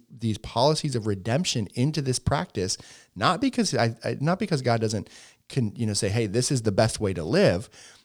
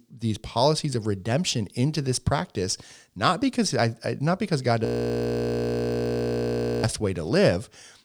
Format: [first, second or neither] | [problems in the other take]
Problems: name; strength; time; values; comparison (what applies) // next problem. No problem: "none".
first | audio freezing; at 5 s for 2 s